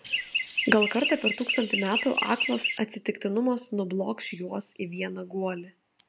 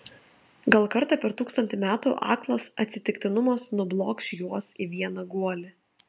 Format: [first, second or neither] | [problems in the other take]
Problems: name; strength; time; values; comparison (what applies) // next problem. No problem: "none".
second | background sound (Chirp, tweet); 1 dB below the speech